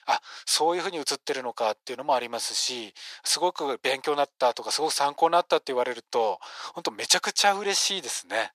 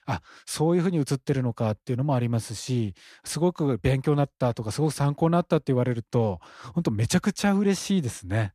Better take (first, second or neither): second